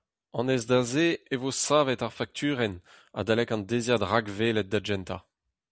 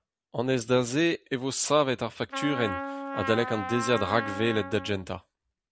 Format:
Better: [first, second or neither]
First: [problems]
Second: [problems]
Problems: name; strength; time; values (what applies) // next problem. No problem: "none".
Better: first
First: none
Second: background sound (Trumpet); 8 dB below the speech